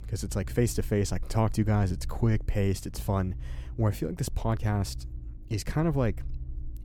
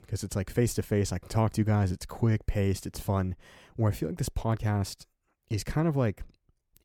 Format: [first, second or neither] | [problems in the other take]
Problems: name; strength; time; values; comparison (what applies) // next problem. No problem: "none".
second | low rumble; faint; throughout; 25 dB below the speech